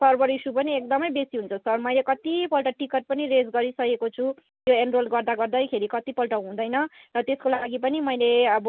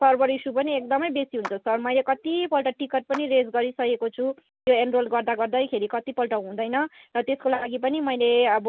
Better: first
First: none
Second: background sound (Clapping); 19 dB below the speech

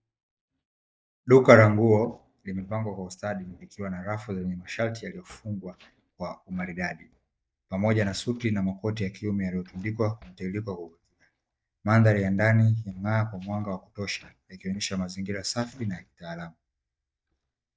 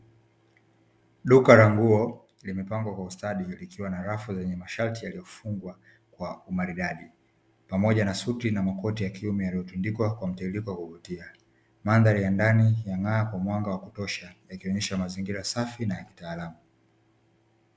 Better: second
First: noise reduction (neural mask model DeepFilterNet 3)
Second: none

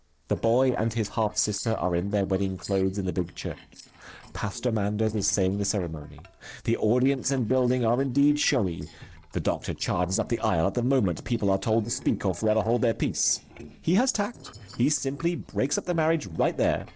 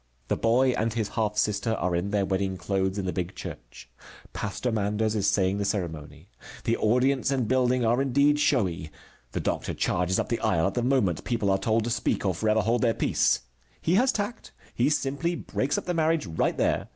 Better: second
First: noise reduction (neural separator model SepFormer DNS4)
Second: none

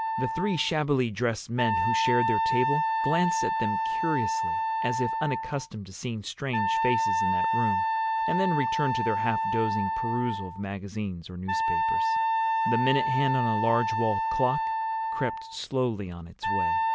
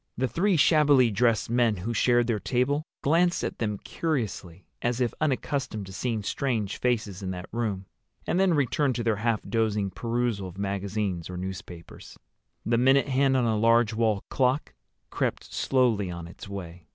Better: second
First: background sound (Wind instrument, woodwind instrument); 2 dB above the speech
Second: none

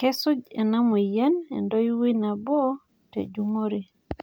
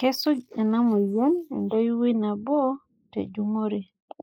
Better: first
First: none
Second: noise reduction (neural mask model Resemble Enhance denoiser)

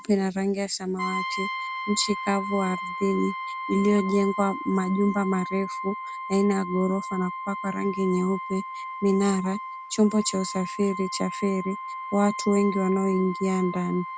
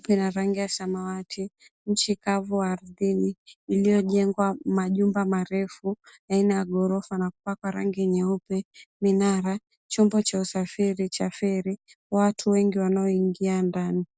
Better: second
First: background sound (Brass instrument); 8 dB below the speech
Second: none

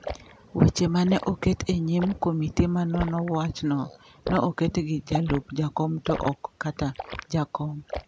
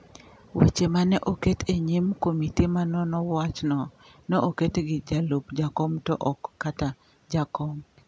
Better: second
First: background sound (Liquid); 12 dB below the speech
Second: none

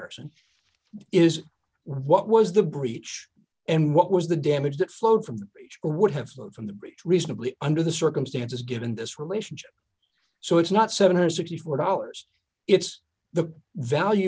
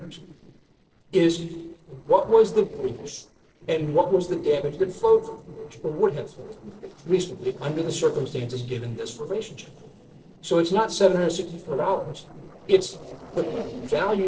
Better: first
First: none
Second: noise reduction (neural separator model SepFormer DNS4)

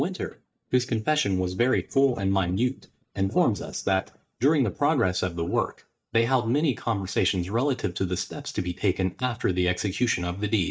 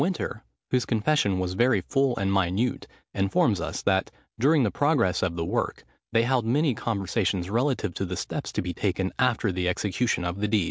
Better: second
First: noise reduction (neural mask model DeepFilterNet 3)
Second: none

